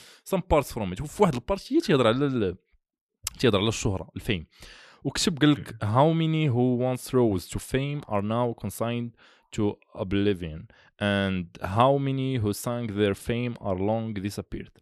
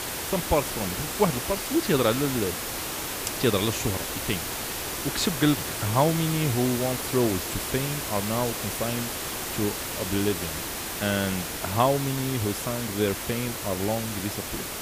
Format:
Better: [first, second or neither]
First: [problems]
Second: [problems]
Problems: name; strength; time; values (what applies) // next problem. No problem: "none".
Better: first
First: none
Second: hiss; loud; throughout; 3 dB below the speech